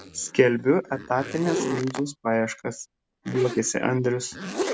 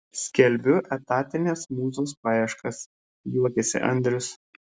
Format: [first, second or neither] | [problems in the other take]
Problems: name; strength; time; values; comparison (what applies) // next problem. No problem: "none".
second | background sound (Zipper (clothing)); 9 dB below the speech